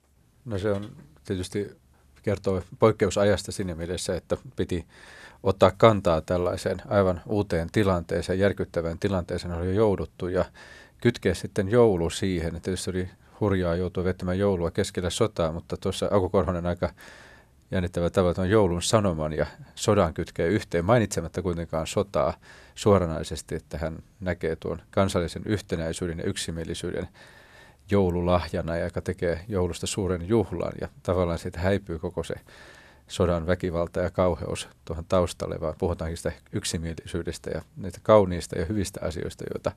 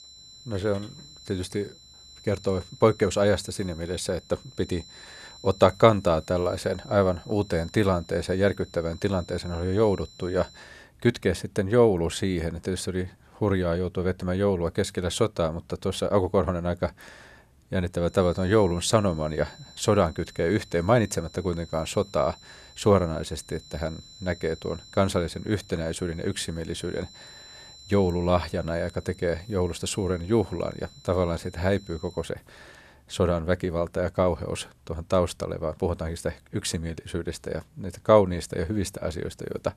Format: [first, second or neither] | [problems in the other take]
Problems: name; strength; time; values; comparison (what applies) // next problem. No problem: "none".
first | high-pitched whine; faint; until 11 s and from 18 to 32 s; 4 kHz, 20 dB below the speech